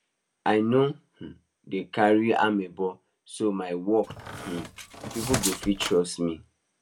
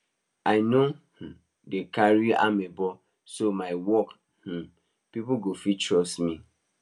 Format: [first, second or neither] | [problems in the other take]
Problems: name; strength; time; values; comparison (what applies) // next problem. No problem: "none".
second | background sound (Squeak); 7 dB below the speech